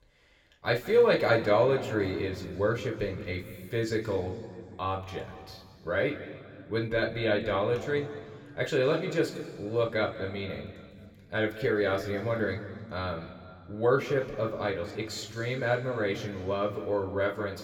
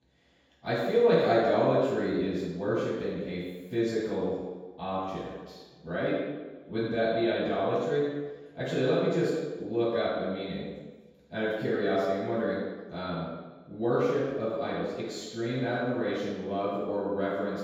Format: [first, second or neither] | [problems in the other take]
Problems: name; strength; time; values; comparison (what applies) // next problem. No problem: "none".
first | room echo; strong; dies away in 1.2 s; slight in the first // off-mic speech; far; somewhat distant in the first